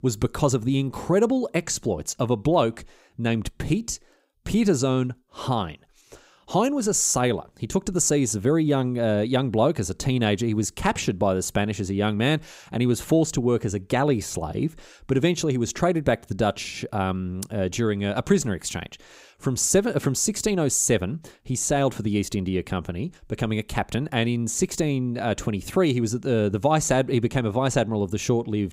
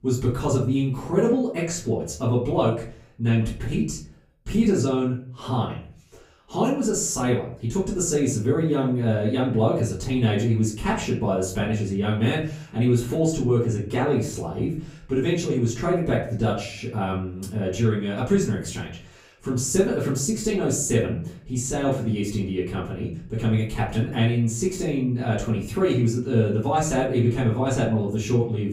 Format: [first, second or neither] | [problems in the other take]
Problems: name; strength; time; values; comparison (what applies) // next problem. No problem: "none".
first | off-mic speech; far // room echo; slight; dies away in 0.5 s